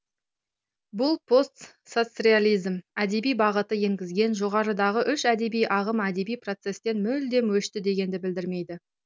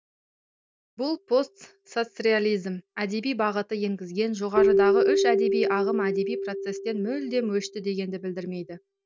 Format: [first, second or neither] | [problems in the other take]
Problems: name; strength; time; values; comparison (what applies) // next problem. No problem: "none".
first | noise reduction (neural mask model DeepFilterNet 3)